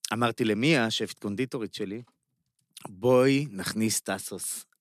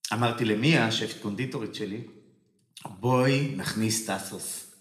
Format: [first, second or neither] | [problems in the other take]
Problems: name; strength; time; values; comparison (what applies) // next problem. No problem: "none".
first | room echo; slight; dies away in 0.7 s